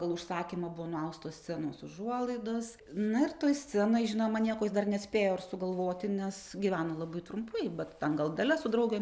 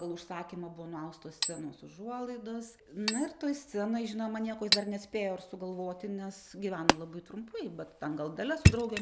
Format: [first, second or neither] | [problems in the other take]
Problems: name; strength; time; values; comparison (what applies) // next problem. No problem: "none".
first | background sound (Hammer); 2 dB above the speech